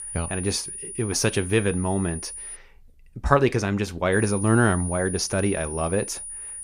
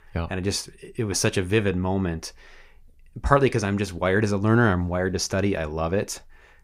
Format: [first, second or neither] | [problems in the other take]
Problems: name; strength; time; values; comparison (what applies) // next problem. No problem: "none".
second | high-pitched whine; loud; until 2.5 s and from 4 s on; 9.5 kHz, 9 dB below the speech